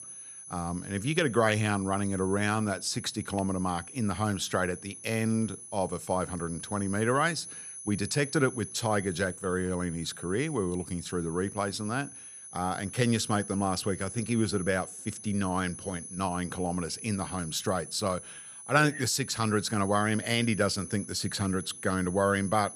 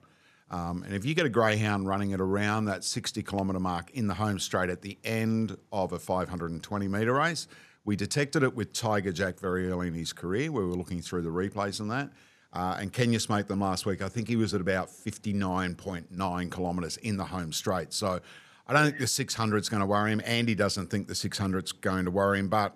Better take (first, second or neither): second